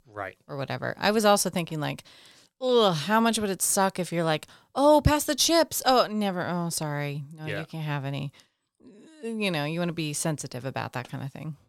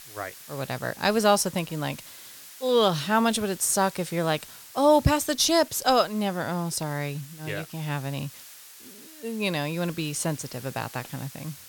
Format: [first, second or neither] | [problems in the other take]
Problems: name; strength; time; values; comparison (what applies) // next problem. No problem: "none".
first | hiss; noticeable; throughout; 20 dB below the speech